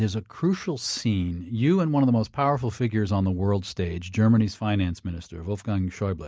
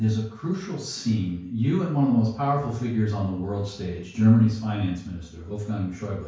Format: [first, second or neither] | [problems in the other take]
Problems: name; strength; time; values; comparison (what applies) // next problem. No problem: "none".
first | room echo; dies away in 0.5 s